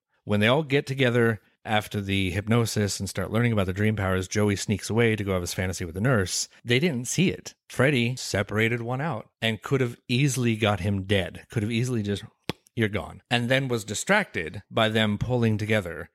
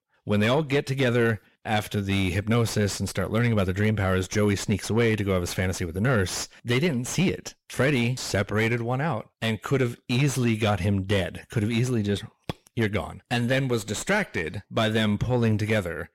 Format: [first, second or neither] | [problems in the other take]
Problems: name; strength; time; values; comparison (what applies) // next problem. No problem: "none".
first | distortion; slight; 9 dB below the speech